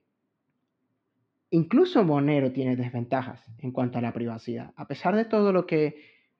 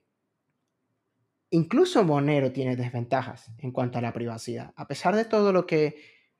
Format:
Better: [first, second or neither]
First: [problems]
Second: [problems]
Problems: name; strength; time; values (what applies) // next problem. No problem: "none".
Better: second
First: muffled; very slightly; fading above 4 kHz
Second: none